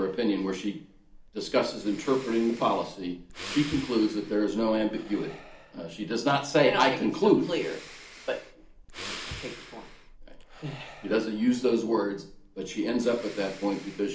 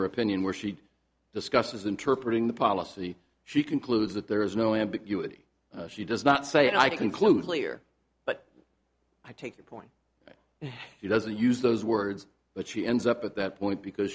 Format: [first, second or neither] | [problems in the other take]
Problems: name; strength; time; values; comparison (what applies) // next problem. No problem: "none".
second | background sound (Breathing); 17 dB below the speech // room echo; dies away in 0.4 s